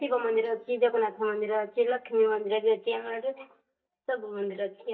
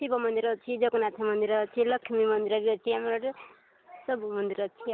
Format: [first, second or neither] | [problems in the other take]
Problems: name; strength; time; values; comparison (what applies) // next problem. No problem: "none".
second | noise reduction (neural mask model DeepFilterNet 3)